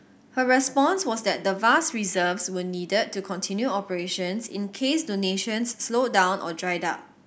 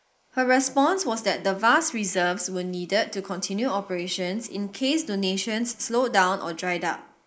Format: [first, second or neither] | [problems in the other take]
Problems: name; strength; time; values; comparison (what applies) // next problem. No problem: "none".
first | noise reduction (neural mask model Resemble Enhance denoiser)